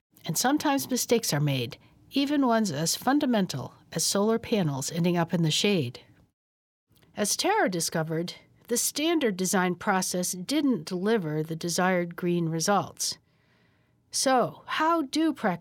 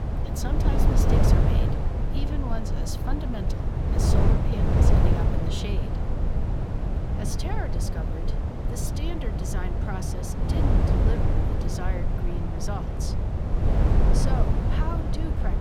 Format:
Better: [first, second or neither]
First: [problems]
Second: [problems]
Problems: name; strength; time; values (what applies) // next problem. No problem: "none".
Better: first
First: none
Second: wind noise on the microphone; heavy; 4 dB above the speech